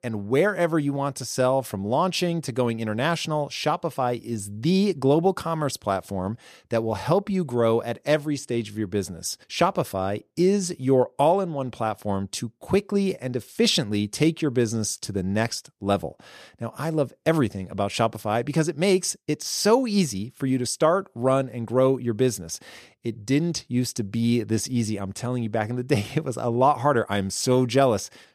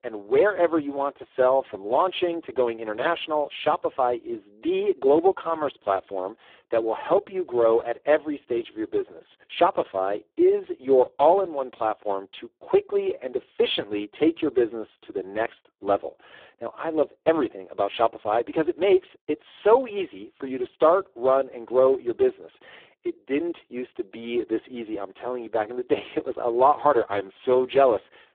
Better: first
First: none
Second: phone-call audio; poor line; nothing above 3.5 kHz

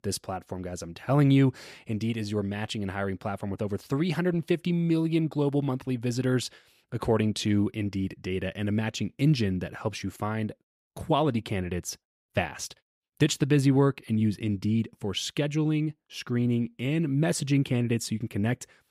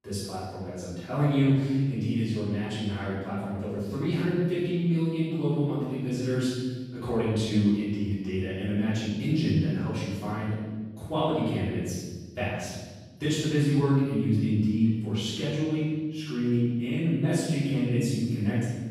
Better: first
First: none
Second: room echo; strong; dies away in 1.4 s // off-mic speech; far

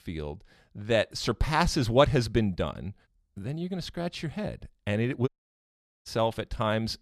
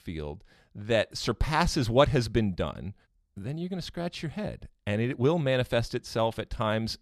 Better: second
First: audio cutting out; at 5.5 s for 1 s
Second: none

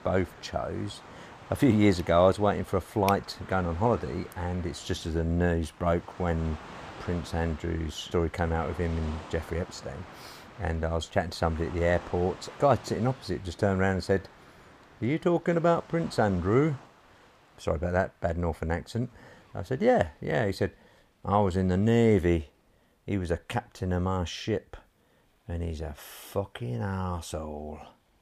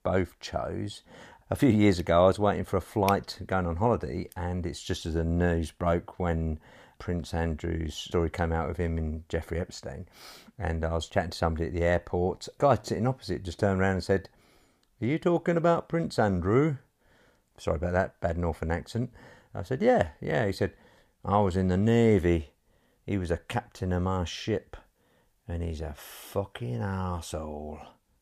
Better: second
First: rain or running water; noticeable; throughout; 20 dB below the speech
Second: none

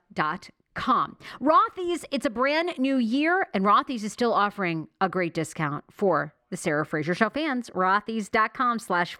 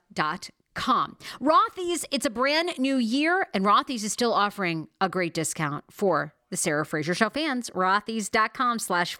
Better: second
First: muffled; slightly; fading above 3.5 kHz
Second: none

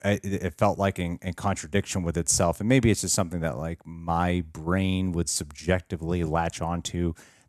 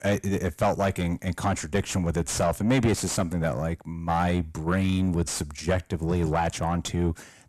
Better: first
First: none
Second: distortion; heavy; 6 dB below the speech

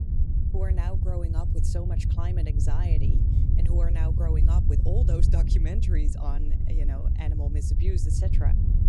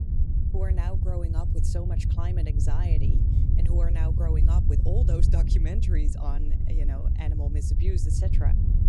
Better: neither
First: low rumble; loud; throughout; 1 dB below the speech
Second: low rumble; loud; throughout; 1 dB below the speech

